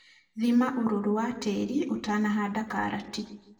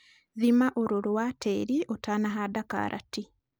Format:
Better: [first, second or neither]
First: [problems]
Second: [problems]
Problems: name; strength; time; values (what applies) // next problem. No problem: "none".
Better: second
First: room echo; dies away in 0.7 s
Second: none